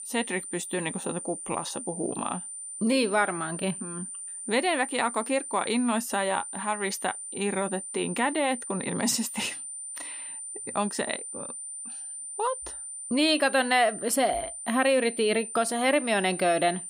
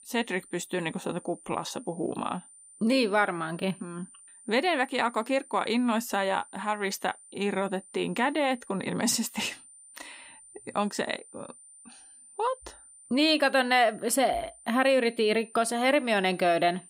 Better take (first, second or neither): second